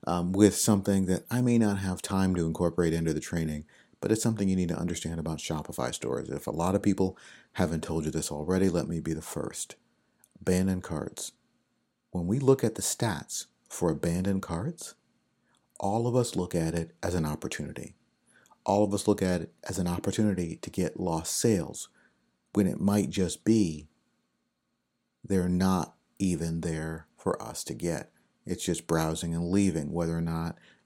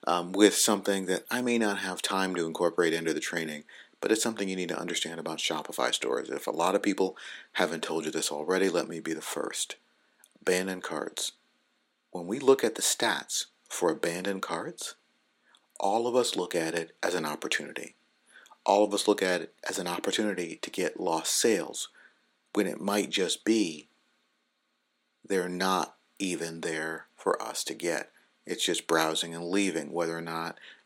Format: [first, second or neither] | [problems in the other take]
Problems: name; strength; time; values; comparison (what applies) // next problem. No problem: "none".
first | thin; somewhat; fading below 300 Hz